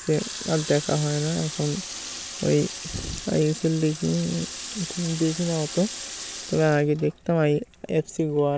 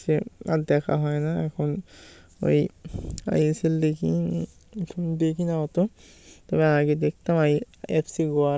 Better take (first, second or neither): second